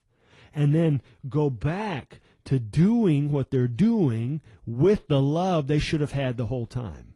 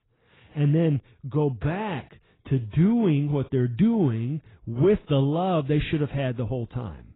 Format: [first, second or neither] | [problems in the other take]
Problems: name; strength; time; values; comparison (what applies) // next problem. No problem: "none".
first | garbled, watery; badly; nothing above 4 kHz; slightly in the first